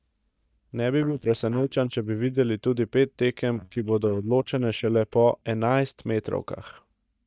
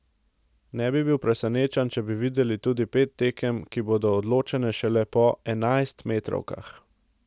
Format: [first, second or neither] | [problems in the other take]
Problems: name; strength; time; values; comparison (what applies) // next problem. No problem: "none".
second | noise reduction (neural mask model DeepFilterNet 3)